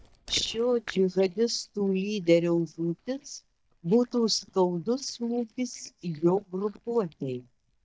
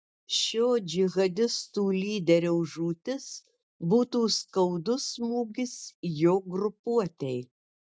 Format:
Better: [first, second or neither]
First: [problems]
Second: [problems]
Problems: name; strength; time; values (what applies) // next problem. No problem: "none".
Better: second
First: noise reduction (neural mask model DeepFilterNet 3)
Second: none